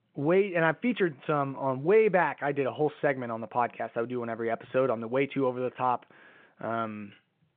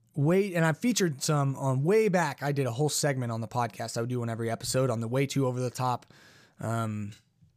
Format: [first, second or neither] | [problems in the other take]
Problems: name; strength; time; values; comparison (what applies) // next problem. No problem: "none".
second | phone-call audio